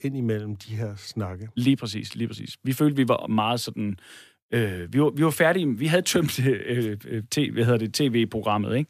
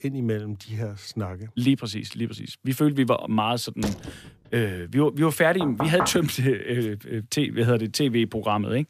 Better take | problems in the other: first | door banging; noticeable; at 4 s and at 5.5 s; peak 3 dB below the speech

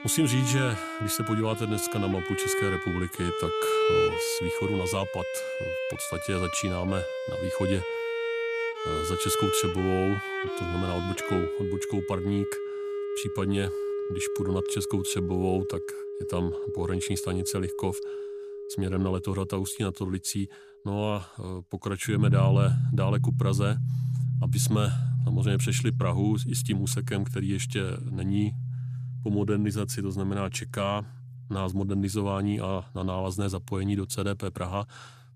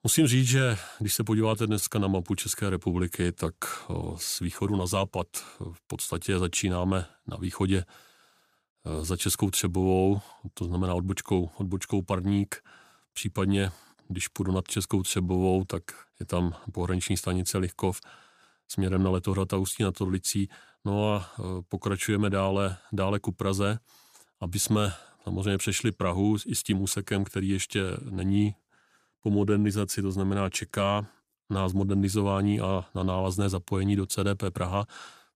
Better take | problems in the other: second | background music; loud; throughout; as loud as the speech

